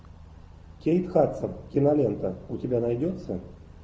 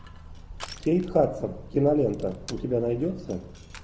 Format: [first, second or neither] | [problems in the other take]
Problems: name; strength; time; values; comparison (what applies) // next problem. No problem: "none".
first | background sound (Crushing); 17 dB below the speech